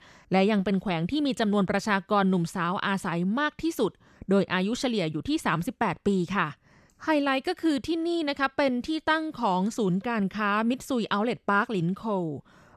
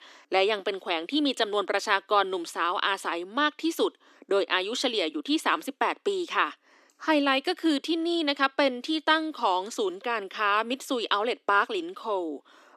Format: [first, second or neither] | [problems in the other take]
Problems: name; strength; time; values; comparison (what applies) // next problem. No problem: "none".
first | thin; somewhat; fading below 300 Hz